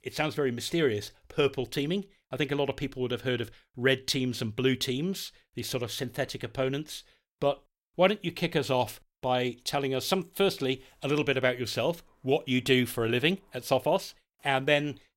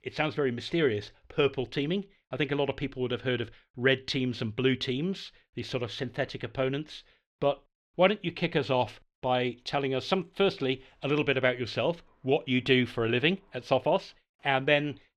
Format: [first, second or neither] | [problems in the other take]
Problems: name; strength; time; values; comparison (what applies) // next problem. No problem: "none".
first | muffled; very slightly; fading above 3 kHz